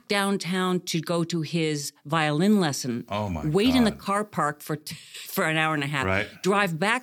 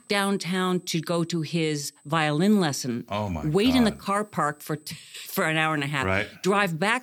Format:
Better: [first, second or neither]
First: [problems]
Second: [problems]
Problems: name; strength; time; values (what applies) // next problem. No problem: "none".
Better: first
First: none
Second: high-pitched whine; faint; until 2.5 s and from 4 to 6.5 s; 8 kHz, 35 dB below the speech